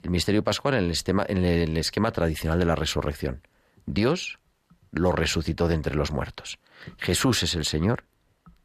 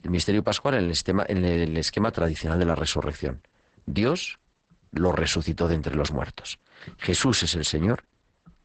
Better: first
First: none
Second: garbled, watery; badly; nothing above 8 kHz

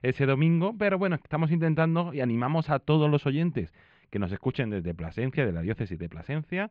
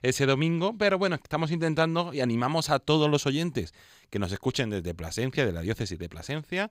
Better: second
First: muffled; very; fading above 2.5 kHz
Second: none

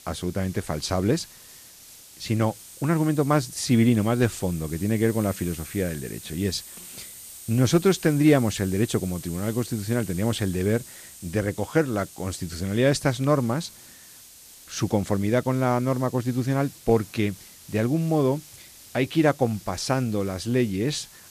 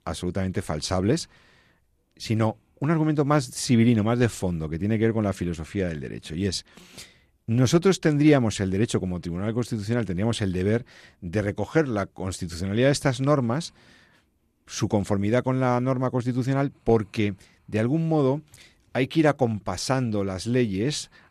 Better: second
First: hiss; noticeable; throughout; 15 dB below the speech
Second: none

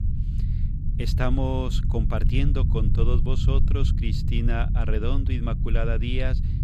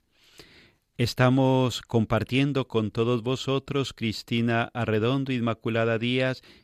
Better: second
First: low rumble; loud; throughout; 7 dB below the speech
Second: none

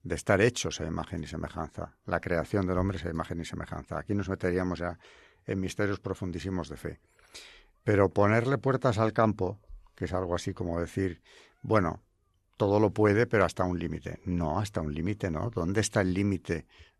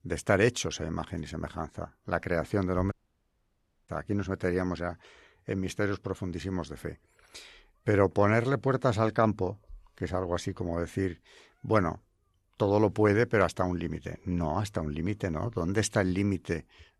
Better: first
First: none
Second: audio cutting out; at 3 s for 1 s

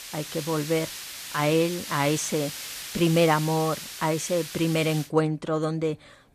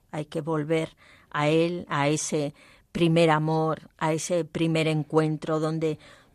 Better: second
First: hiss; loud; until 5 s; 9 dB below the speech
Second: none

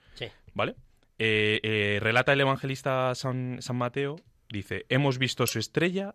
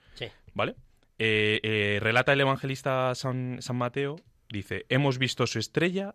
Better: second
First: clattering dishes; very faint; at 5.5 s; peak 10 dB below the speech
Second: none

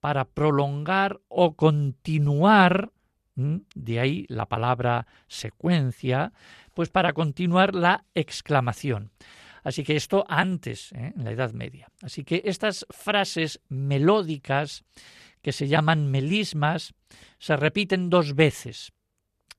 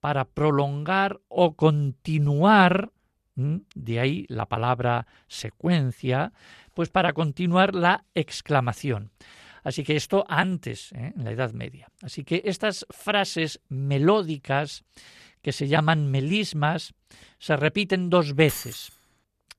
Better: first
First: none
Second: jangling keys; noticeable; at 18 s; peak 10 dB below the speech

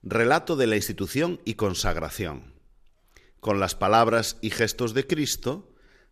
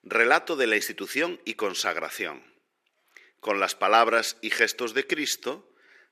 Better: first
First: none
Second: thin; somewhat; fading below 300 Hz

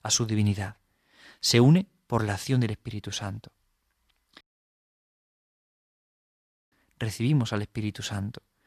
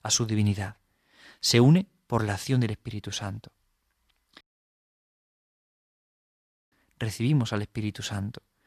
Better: neither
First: audio cutting out; at 4.5 s for 2.5 s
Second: audio cutting out; at 4.5 s for 2.5 s

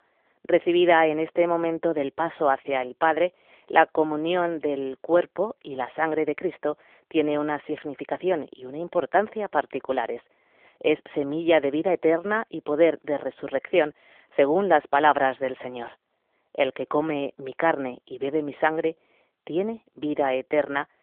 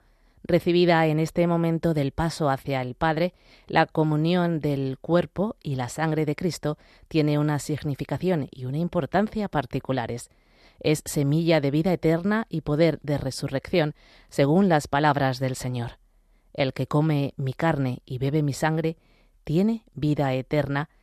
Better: second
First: phone-call audio; nothing above 3.5 kHz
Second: none

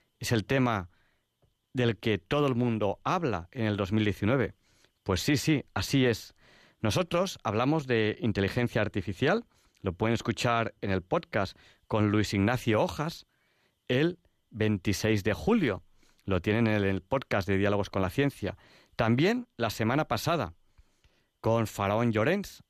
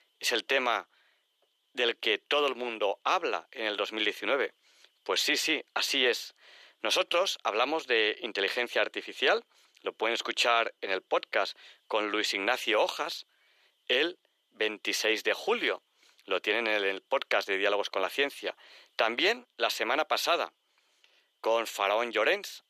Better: first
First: none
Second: thin; very; fading below 400 Hz

